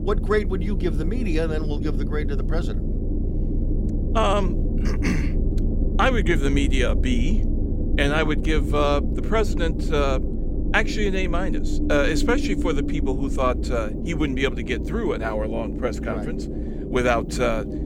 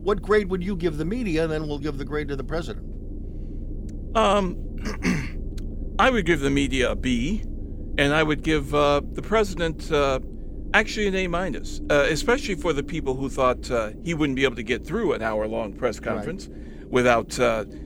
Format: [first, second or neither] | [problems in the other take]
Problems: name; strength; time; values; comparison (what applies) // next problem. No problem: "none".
second | low rumble; loud; throughout; 9 dB below the speech; faint in the second